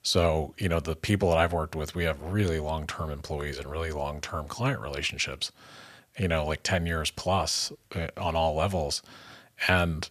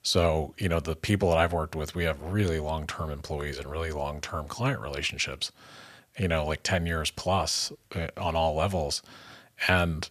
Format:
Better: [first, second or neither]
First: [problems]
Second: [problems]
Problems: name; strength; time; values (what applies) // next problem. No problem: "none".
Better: neither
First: none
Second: none